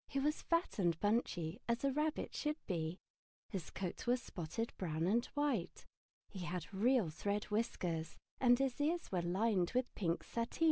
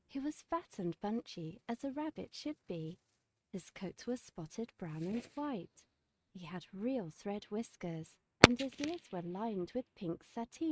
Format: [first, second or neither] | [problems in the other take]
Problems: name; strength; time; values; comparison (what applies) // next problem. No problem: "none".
first | noise reduction (neural mask model RNNoise)